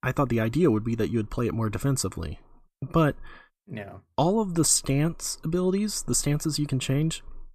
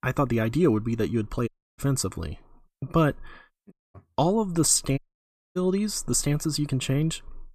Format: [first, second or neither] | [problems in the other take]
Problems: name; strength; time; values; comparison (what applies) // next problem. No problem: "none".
first | audio cutting out; at 1.5 s, at 3.5 s and at 5 s for 0.5 s